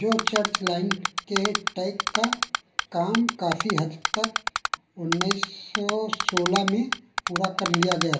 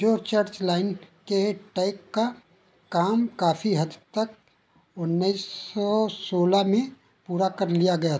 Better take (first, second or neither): second